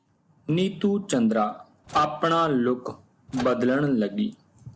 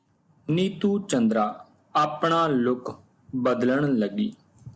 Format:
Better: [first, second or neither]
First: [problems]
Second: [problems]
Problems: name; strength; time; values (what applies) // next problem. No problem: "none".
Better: second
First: background sound (Microwave oven); 17 dB below the speech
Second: none